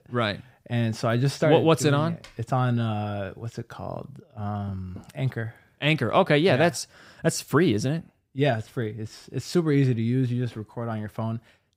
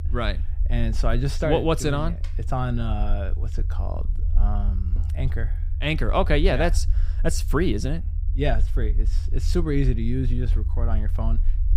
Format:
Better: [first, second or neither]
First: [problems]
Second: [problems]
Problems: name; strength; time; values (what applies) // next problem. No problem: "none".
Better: first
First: none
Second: low rumble; noticeable; throughout; 20 dB below the speech